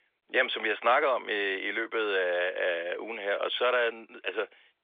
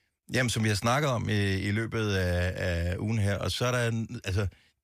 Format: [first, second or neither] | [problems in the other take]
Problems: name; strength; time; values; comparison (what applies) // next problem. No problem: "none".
second | phone-call audio; nothing above 3.5 kHz